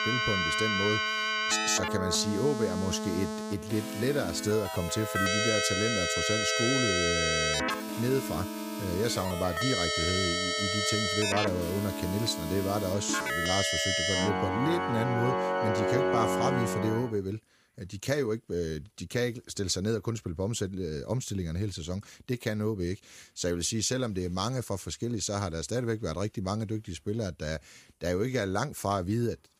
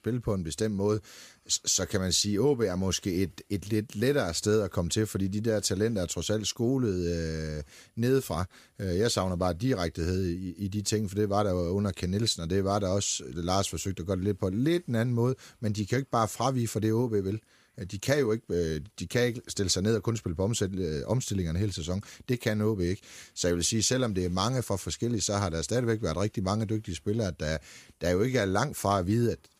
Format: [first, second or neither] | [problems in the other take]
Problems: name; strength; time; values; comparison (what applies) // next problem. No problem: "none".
second | background music; very loud; until 17 s; 2 dB above the speech